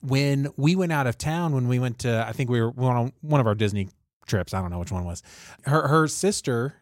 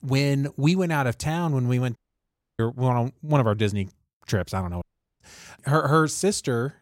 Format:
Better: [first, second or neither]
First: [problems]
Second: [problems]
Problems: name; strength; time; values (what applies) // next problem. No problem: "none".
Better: first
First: none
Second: audio cutting out; at 2 s for 0.5 s and at 5 s